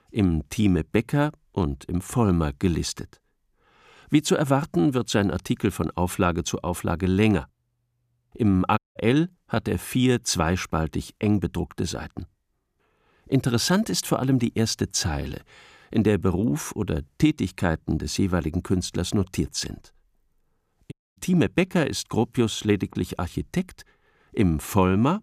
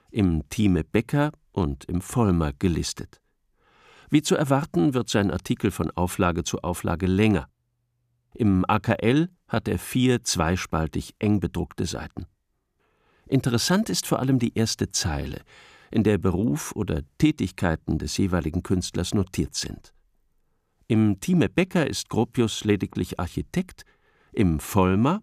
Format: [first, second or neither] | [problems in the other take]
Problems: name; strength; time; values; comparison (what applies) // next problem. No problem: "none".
second | audio cutting out; at 9 s and at 21 s